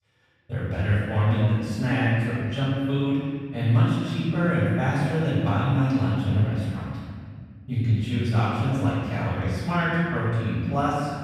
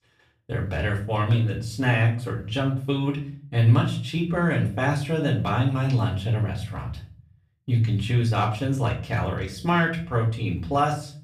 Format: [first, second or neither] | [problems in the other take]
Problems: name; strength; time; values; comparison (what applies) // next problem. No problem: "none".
second | room echo; strong; dies away in 1.9 s; slight in the second // off-mic speech; far; far in the second